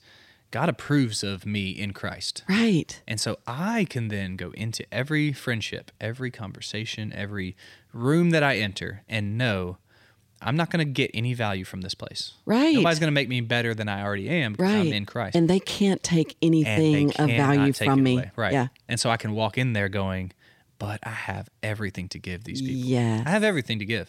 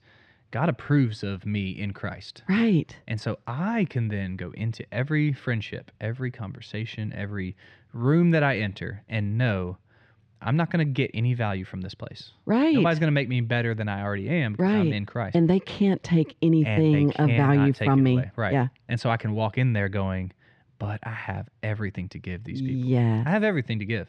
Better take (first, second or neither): first